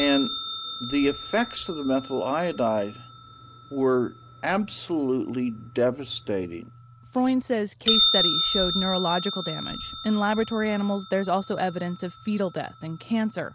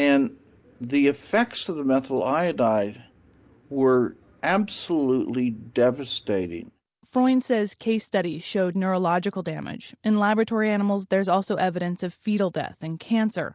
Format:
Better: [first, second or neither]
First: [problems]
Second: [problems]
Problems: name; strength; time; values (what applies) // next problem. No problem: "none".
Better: second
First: background sound (Bell); 4 dB below the speech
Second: none